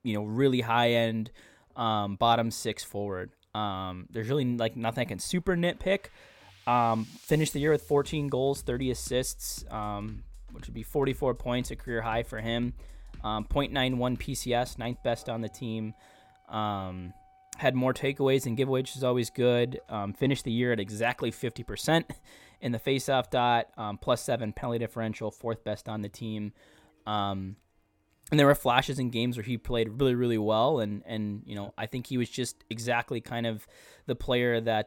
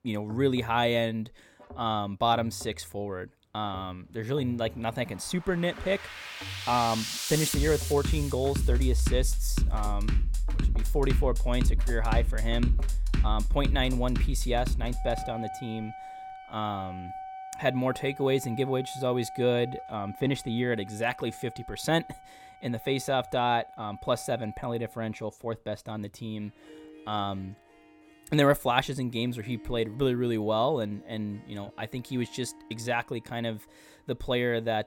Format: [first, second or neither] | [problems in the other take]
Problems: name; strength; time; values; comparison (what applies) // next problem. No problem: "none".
first | background music; loud; throughout; 2 dB below the speech; faint in the first